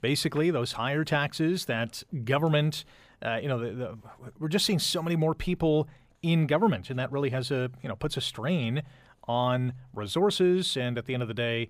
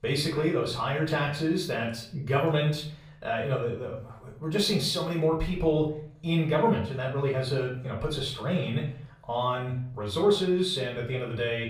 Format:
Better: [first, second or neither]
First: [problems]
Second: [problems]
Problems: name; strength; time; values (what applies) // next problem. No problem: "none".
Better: first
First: none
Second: off-mic speech; far // room echo; slight; dies away in 0.5 s